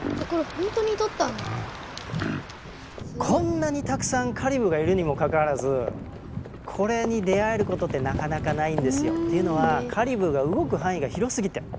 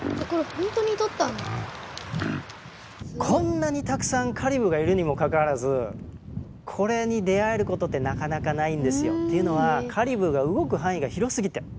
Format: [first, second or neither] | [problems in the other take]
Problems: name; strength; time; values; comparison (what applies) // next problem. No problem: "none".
second | background sound (Livestock, farm animals, working animals); 13 dB below the speech